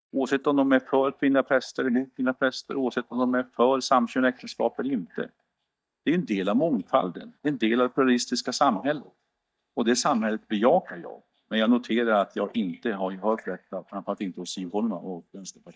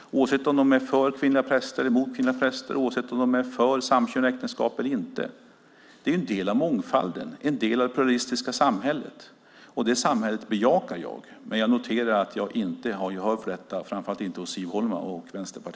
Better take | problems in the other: second | noise reduction (neural mask model DeepFilterNet 3)

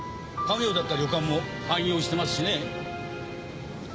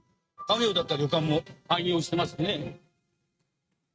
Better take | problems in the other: first | noise reduction (neural mask model RNNoise)

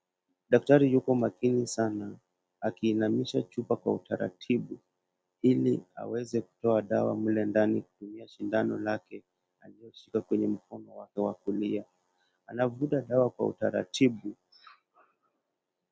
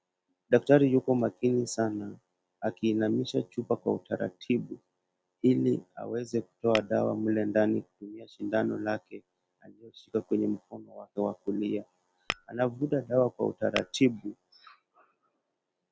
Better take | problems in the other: first | background sound (Tap / Glass); 10 dB below the speech

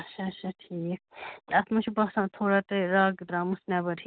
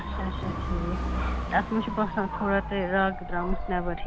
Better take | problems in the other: first | background sound (Motorcycle / Dog); 2 dB below the speech

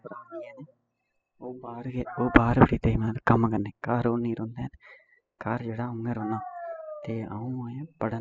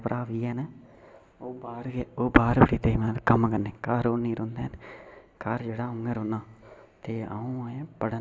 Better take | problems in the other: second | noise reduction (classical method spectral subtraction)

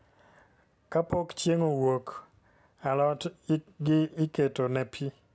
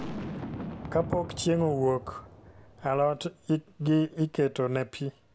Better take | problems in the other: first | background sound (Boom); 12 dB below the speech

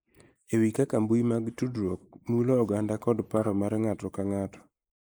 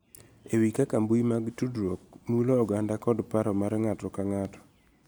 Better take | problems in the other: second | noise reduction (neural mask model Resemble Enhance denoiser)

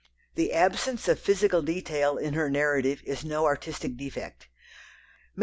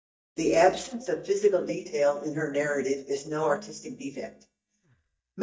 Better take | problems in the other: first | noise reduction (neural mask model DeepFilterNet 3)

